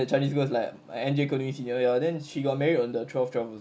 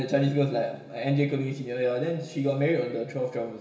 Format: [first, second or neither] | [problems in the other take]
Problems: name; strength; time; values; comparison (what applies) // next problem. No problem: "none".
first | room echo; dies away in 1.3 s